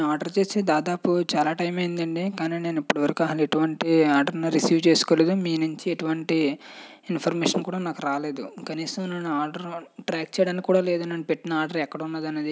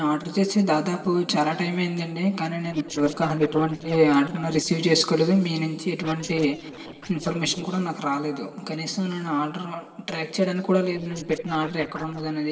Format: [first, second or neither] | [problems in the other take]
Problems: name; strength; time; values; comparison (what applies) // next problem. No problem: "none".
first | noise reduction (neural separator model SepFormer DNS4)